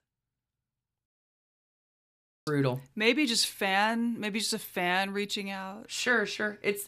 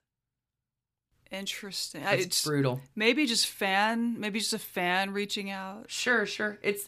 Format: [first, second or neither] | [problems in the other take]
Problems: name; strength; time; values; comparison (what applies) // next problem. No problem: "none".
second | audio cutting out; at 1 s for 1.5 s